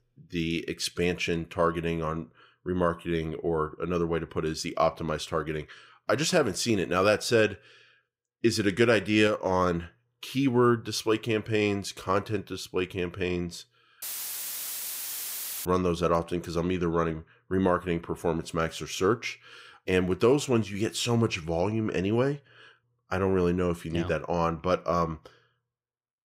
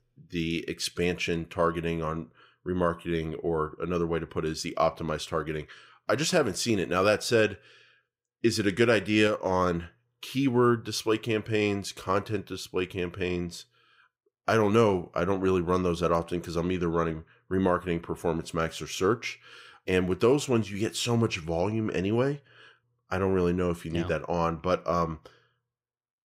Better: second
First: audio cutting out; filled with static; at 14 s for 1.5 s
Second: none

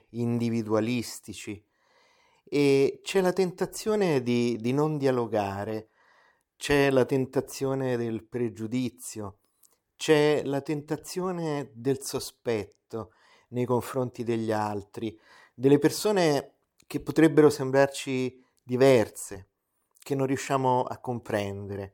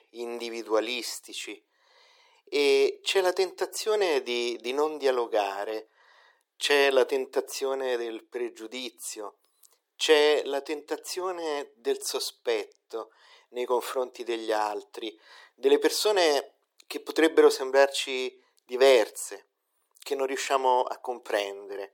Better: first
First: none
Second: thin; very; fading below 350 Hz

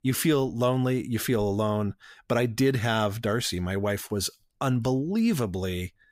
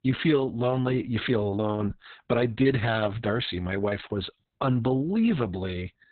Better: first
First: none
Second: garbled, watery; badly; nothing above 4 kHz

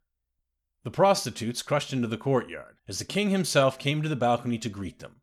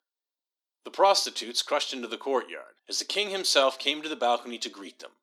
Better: first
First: none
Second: thin; somewhat; fading below 300 Hz

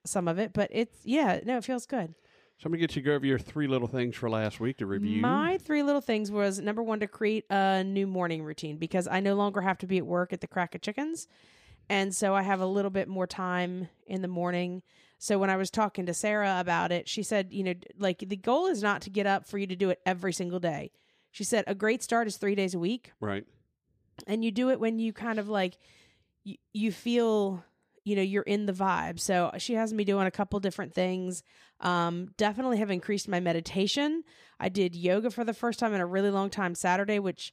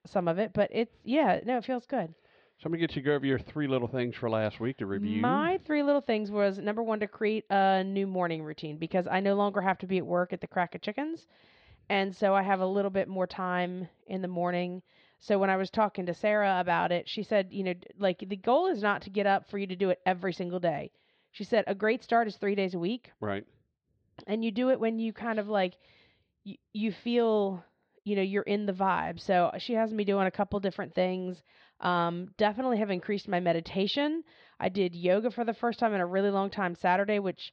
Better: first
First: none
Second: muffled; slightly; fading above 4.5 kHz

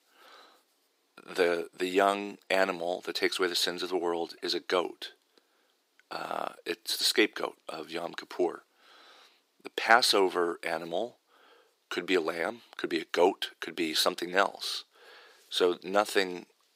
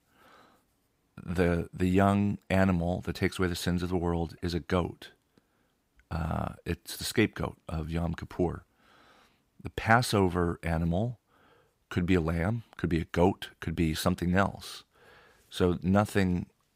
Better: second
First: thin; very; fading below 350 Hz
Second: none

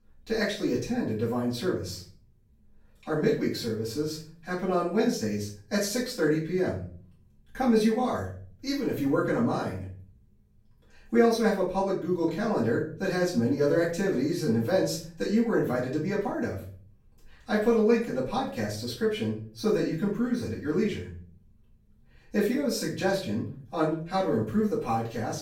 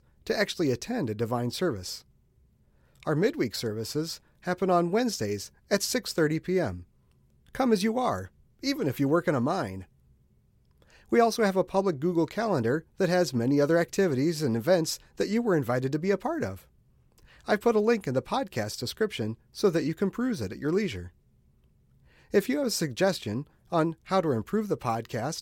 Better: second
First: off-mic speech; far // room echo; slight; dies away in 0.4 s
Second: none

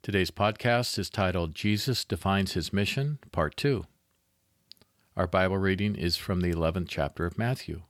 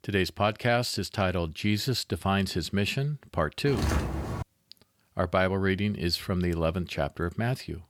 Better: first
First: none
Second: footsteps; noticeable; at 3.5 s; peak level with the speech

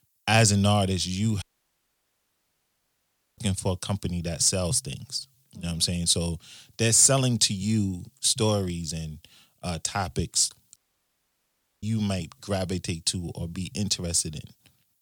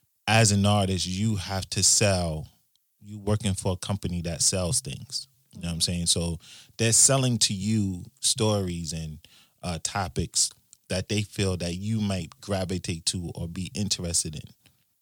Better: second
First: audio cutting out; at 1.5 s for 2 s and at 11 s for 1 s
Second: none

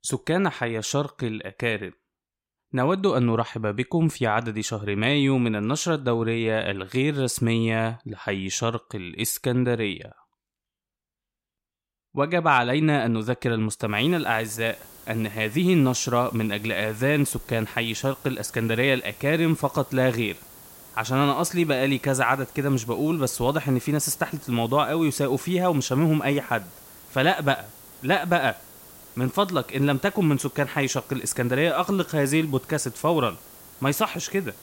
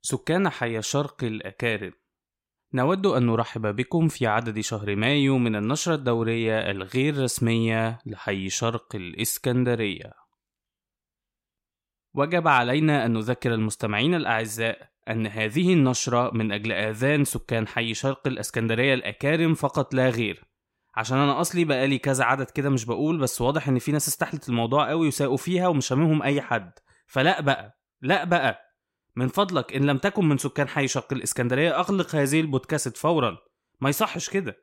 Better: second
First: hiss; faint; from 14 s on; 20 dB below the speech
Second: none

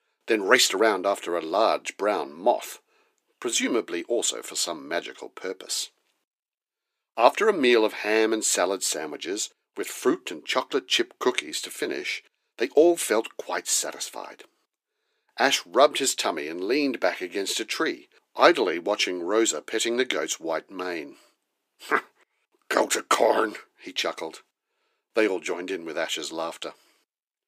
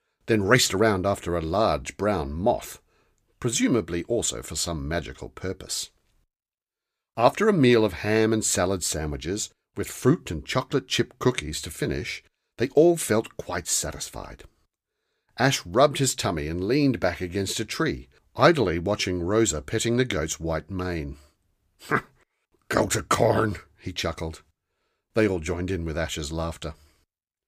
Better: second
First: thin; somewhat; fading below 300 Hz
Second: none

